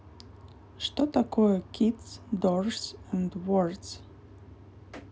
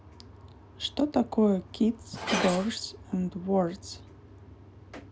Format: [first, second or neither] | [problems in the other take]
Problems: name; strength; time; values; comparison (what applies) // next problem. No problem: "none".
first | background sound (Glass); 11 dB below the speech